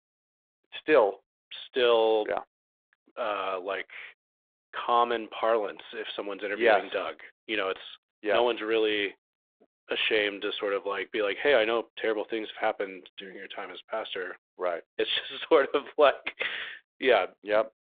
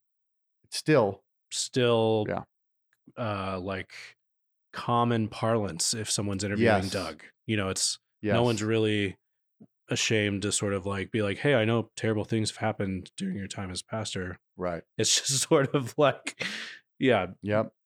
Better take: second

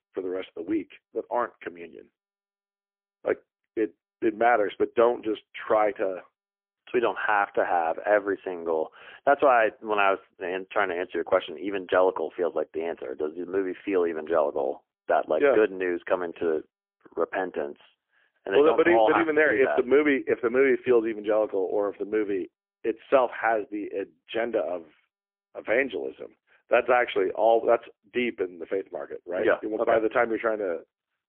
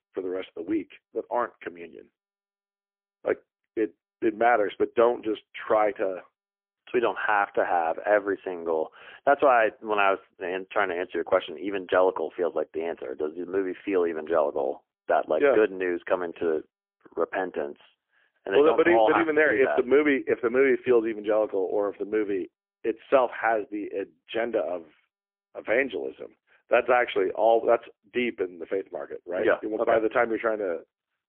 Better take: neither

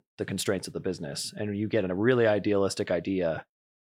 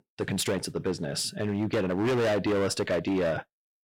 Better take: first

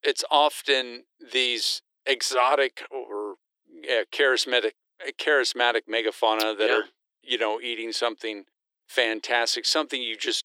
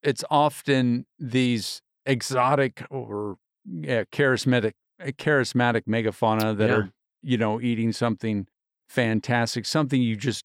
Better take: second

